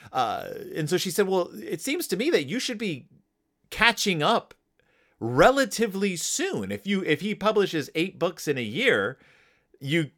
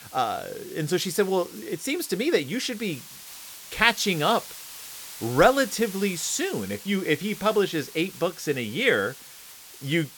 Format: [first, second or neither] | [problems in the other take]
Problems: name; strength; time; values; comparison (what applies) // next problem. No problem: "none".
first | hiss; noticeable; throughout; 15 dB below the speech